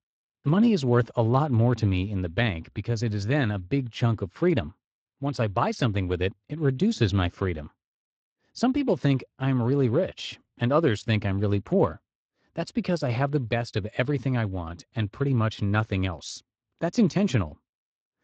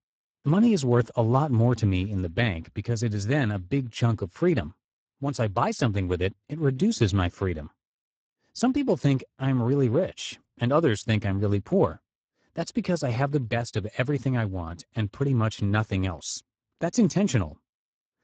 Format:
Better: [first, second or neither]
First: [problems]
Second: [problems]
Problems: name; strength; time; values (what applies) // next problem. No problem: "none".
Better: first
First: garbled, watery; slightly; nothing above 7.5 kHz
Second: garbled, watery; badly; nothing above 7.5 kHz